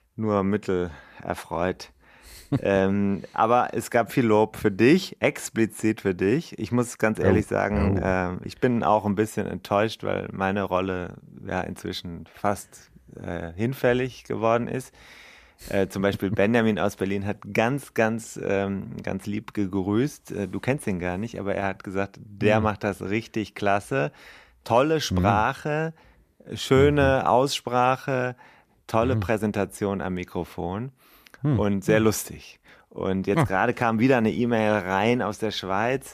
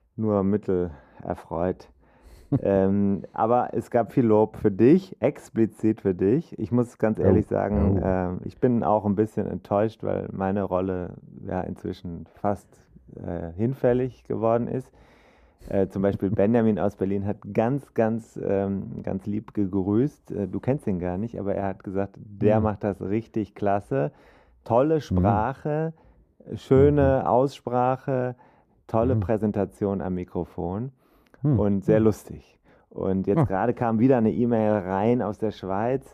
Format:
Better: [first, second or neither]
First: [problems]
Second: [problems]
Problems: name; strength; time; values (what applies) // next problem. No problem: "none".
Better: first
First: none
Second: muffled; slightly; fading above 1.5 kHz